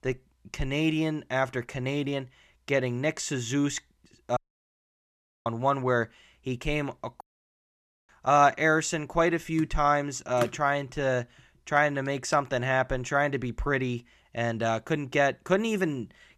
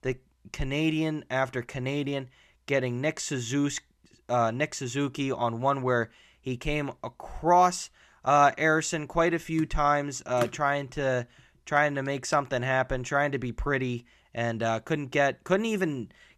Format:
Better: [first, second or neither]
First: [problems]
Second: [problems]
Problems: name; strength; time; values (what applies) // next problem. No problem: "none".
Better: second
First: audio cutting out; at 4.5 s for 1 s and at 7 s for 1 s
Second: none